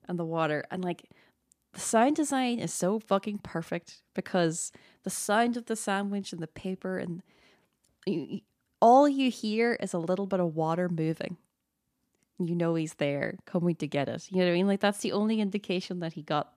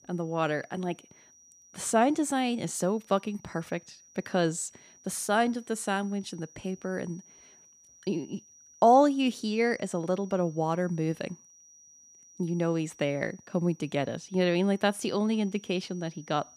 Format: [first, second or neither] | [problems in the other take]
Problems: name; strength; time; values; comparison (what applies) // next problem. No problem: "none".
first | high-pitched whine; faint; throughout; 6 kHz, 25 dB below the speech